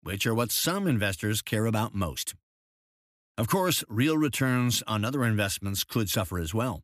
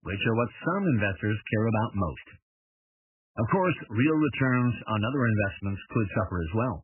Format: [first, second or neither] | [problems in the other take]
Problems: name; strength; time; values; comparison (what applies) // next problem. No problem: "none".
first | garbled, watery; badly; nothing above 3 kHz